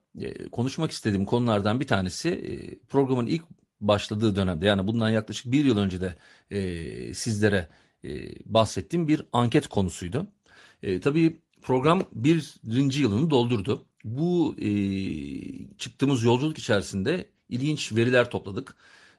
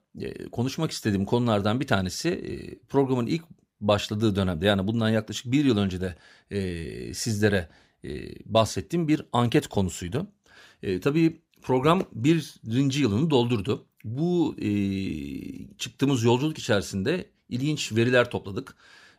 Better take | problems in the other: second | garbled, watery; slightly; nothing above 10 kHz

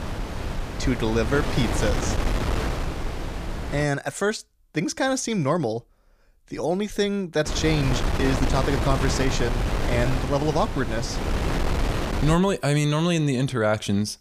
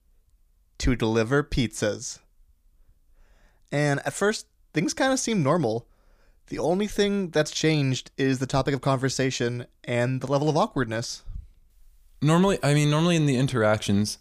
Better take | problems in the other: second | wind noise on the microphone; heavy; until 4 s and from 7.5 to 12 s; 4 dB below the speech

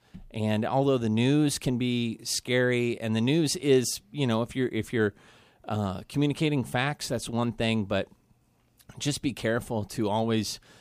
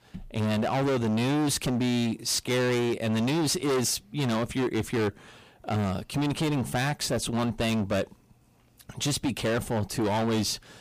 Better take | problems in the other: first | distortion; heavy; 24% of the sound clipped

